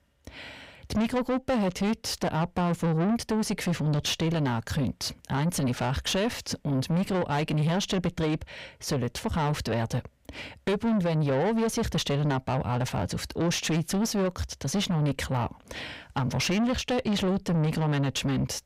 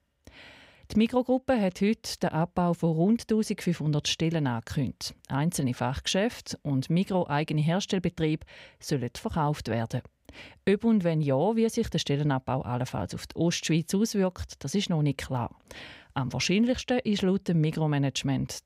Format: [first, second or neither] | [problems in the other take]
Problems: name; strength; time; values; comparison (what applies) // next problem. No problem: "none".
second | distortion; heavy; 6 dB below the speech